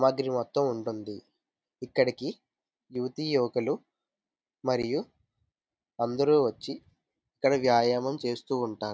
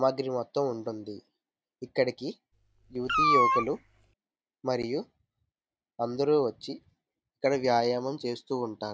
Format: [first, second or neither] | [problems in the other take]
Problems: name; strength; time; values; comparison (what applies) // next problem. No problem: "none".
first | background sound (Meow); 3 dB above the speech